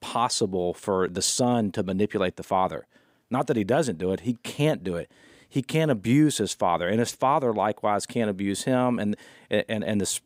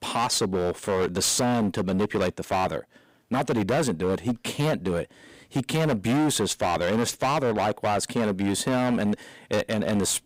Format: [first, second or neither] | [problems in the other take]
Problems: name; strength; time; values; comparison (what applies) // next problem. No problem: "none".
first | distortion; heavy; 19% of the sound clipped